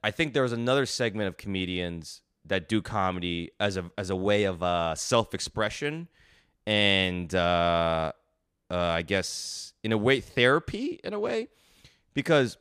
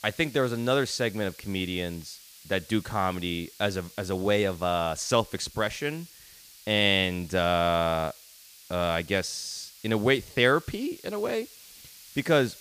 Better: first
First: none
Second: hiss; faint; throughout; 20 dB below the speech

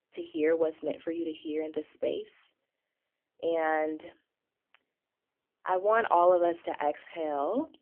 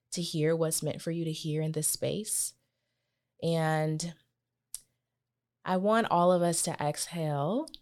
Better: second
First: phone-call audio; poor line; nothing above 3 kHz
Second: none

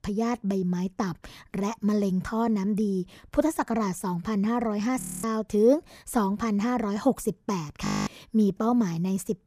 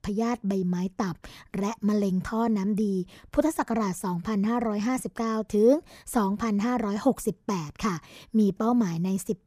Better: second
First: audio freezing; at 5 s and at 8 s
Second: none

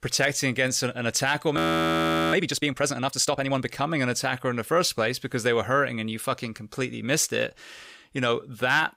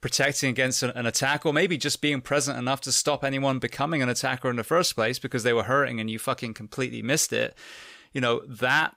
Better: second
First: audio freezing; at 1.5 s for 1 s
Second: none

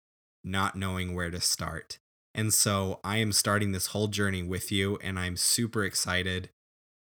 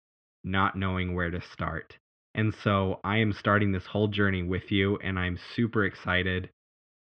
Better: first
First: none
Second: muffled; very; fading above 3 kHz

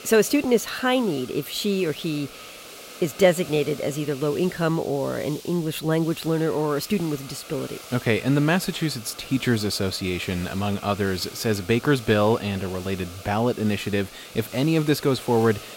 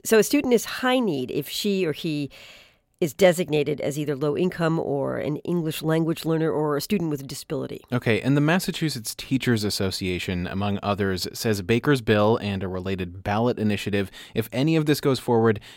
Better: second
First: hiss; noticeable; throughout; 15 dB below the speech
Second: none

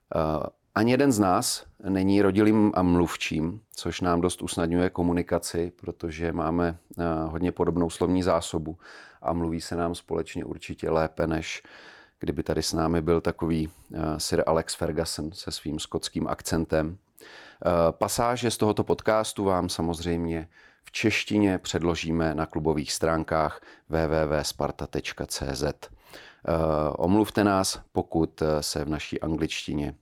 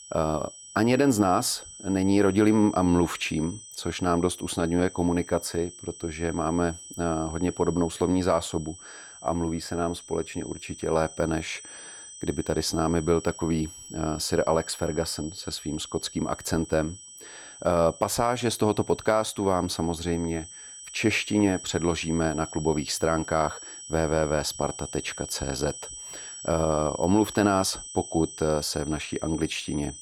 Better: first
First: none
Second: high-pitched whine; noticeable; throughout; 8 kHz, 15 dB below the speech

